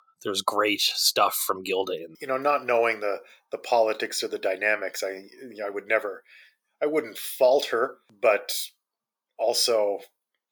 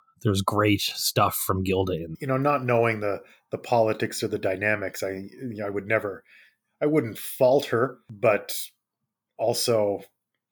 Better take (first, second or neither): second